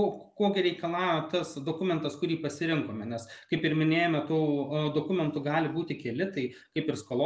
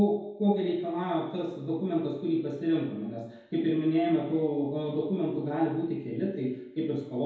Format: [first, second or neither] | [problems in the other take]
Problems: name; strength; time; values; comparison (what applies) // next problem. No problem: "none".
first | room echo; dies away in 2 s